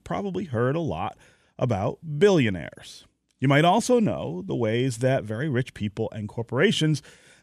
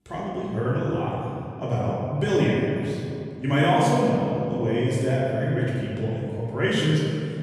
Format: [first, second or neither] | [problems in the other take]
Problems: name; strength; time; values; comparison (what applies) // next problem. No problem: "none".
first | off-mic speech; far // room echo; strong; dies away in 2.5 s